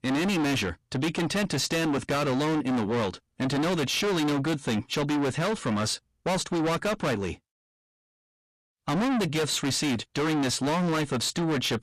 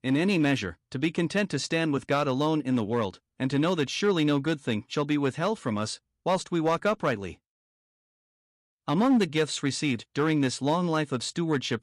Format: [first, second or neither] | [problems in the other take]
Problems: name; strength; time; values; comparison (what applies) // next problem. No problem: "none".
second | distortion; heavy; 6 dB below the speech